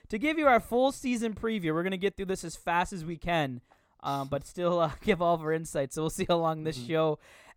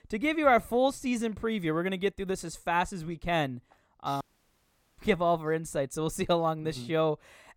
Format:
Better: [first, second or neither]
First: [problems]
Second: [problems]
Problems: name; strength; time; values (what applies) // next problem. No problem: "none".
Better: first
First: none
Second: audio cutting out; at 4 s for 1 s